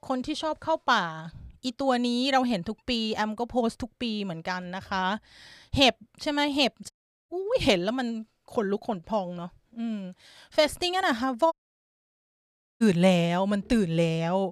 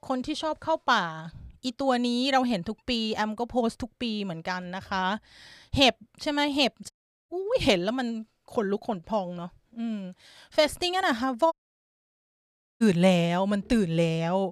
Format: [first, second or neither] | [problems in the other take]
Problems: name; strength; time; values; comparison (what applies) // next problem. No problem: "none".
neither | audio cutting out; at 7 s and at 12 s for 1.5 s; the same in both